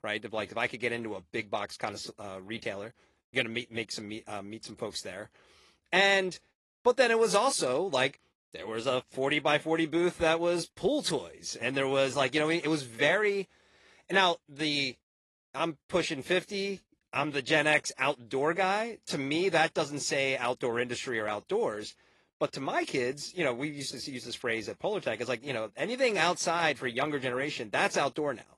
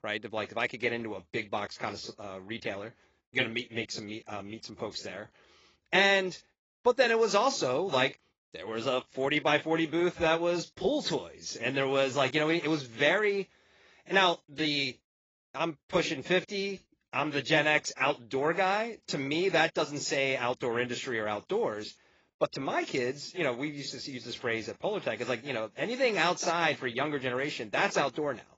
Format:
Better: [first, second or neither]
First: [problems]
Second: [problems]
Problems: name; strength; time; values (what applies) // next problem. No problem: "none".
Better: first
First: garbled, watery; slightly; nothing above 11 kHz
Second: garbled, watery; badly; nothing above 7.5 kHz